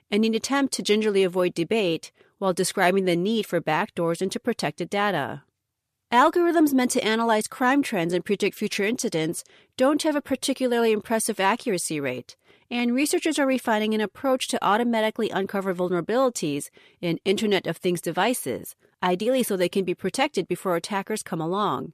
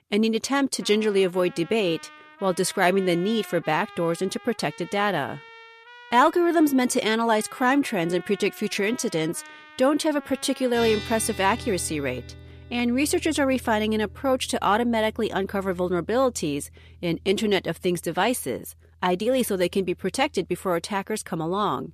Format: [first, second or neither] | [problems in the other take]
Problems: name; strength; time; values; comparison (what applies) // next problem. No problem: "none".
first | background music; noticeable; throughout; 20 dB below the speech